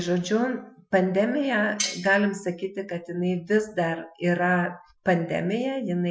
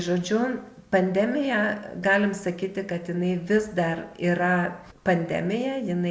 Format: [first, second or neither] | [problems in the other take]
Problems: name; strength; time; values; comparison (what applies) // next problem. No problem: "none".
second | noise reduction (classical method Wiener filter)